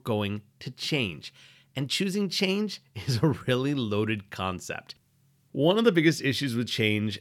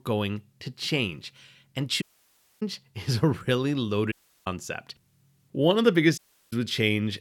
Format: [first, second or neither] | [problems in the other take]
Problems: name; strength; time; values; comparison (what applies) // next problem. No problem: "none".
first | audio cutting out; at 2 s for 0.5 s, at 4 s and at 6 s